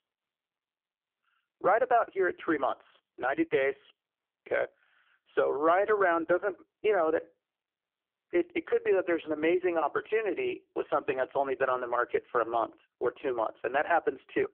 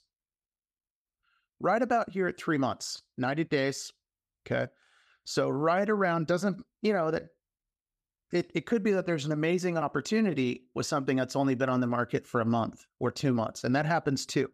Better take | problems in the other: second | phone-call audio; poor line

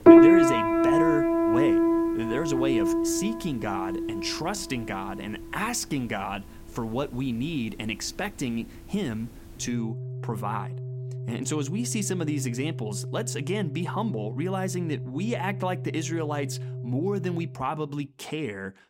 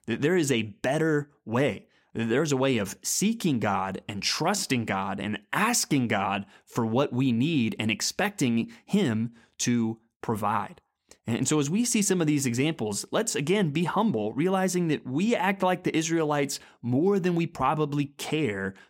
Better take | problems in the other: second | background music; very loud; throughout; 4 dB above the speech

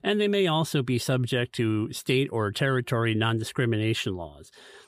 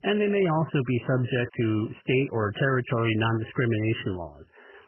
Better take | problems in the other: first | garbled, watery; badly; nothing above 3 kHz

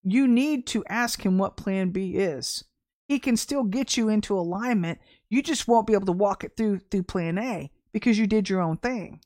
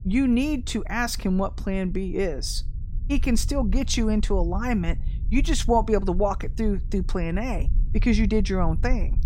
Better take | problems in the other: first | low rumble; faint; throughout; 20 dB below the speech

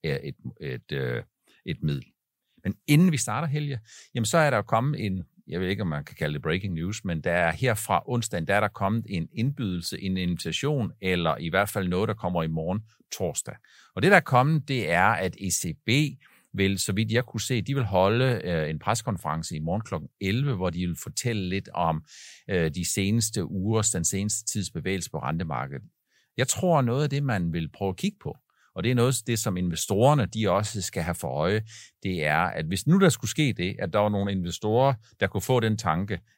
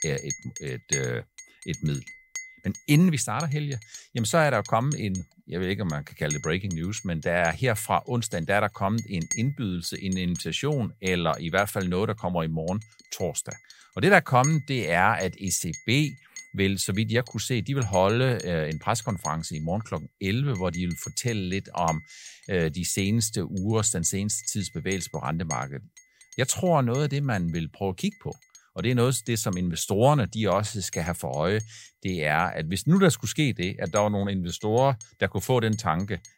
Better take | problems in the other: first | household noises; noticeable; throughout; 15 dB below the speech

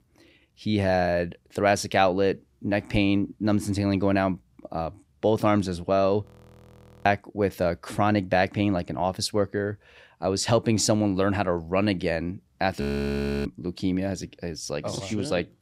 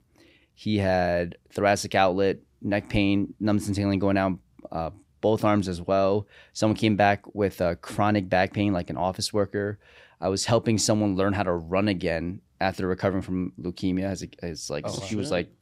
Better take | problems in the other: second | audio freezing; at 6.5 s for 1 s and at 13 s for 0.5 s

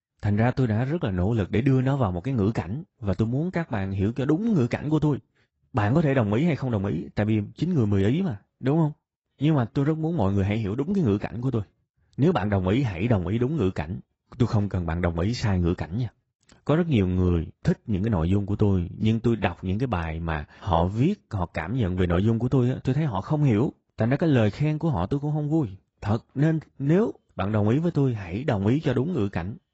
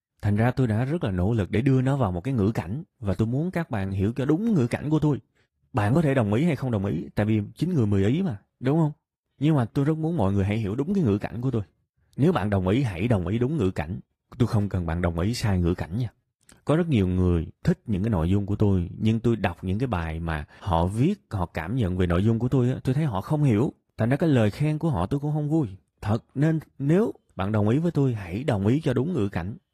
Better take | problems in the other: second | garbled, watery; badly; nothing above 8 kHz; slightly in the second

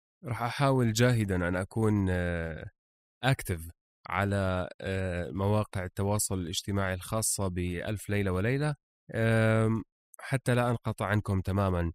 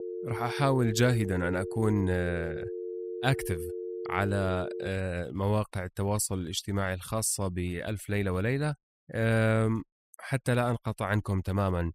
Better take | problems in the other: first | phone ringing; noticeable; until 5 s; peak 7 dB below the speech

